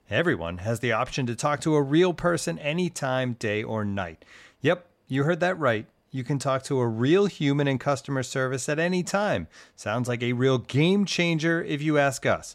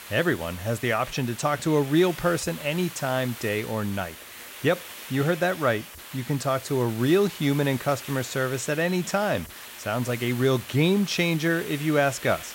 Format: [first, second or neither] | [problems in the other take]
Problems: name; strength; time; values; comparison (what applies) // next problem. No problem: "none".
first | hiss; noticeable; throughout; 15 dB below the speech